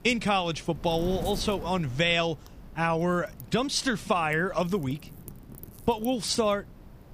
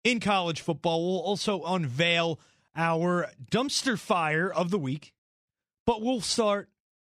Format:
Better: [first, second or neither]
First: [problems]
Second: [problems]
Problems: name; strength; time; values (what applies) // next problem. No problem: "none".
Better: second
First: wind noise on the microphone; occasional gusts; 25 dB below the speech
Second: none